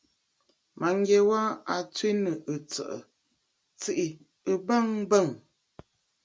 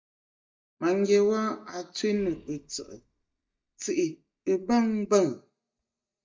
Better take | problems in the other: first | noise reduction (neural mask model DeepFilterNet 3)

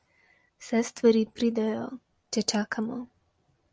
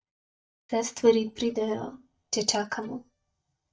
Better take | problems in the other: first | noise reduction (neural mask model DeepFilterNet 3)

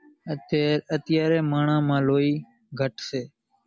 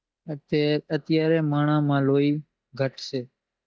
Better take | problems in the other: first | noise reduction (neural mask model DeepFilterNet 3)

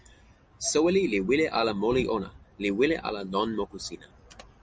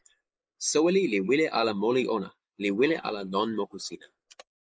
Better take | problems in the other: first | noise reduction (neural mask model Resemble Enhance denoiser)

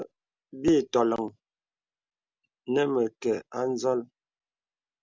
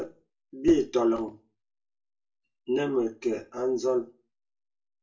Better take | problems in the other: first | room echo; dies away in 0.2 s

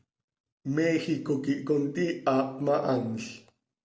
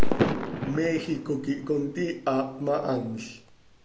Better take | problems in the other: first | background sound (Fireworks); 1 dB above the speech

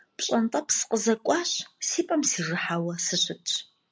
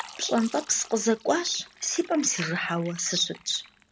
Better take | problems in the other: first | background sound (Fill (with liquid)); 17 dB below the speech

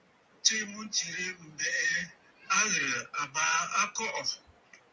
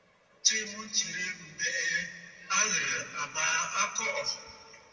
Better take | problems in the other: first | room echo; dies away in 1.9 s

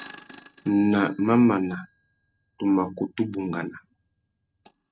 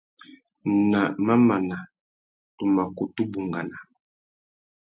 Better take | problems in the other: second | noise reduction (neural mask model RNNoise)

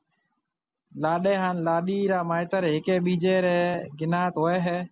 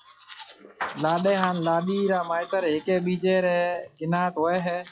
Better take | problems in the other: first | noise reduction (classical method log-MMSE)

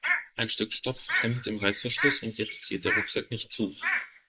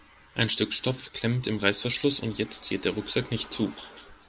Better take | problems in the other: second | noise reduction (neural mask model Resemble Enhance denoiser)

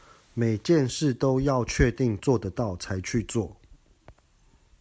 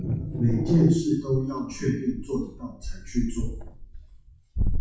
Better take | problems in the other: first | noise reduction (classical method WPE with log-MMSE)

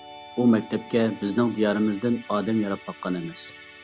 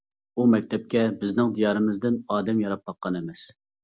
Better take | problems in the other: second | background sound (Musical instrument); 20 dB below the speech

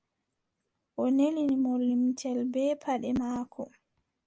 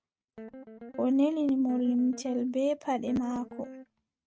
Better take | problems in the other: first | noise reduction (neural mask model RNNoise)

